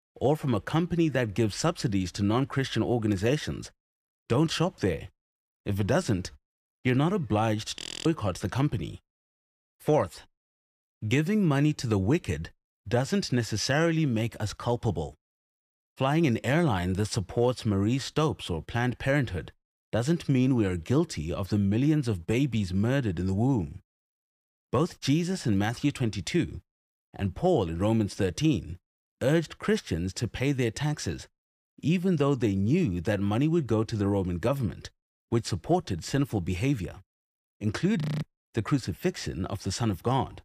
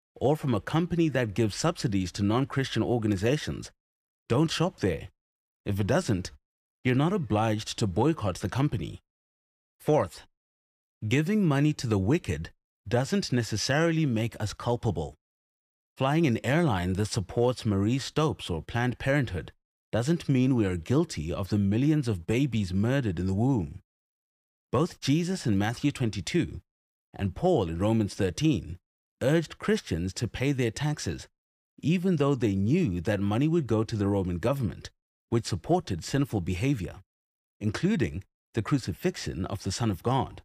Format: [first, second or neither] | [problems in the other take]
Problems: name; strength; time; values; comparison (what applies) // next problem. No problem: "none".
second | audio freezing; at 8 s and at 38 s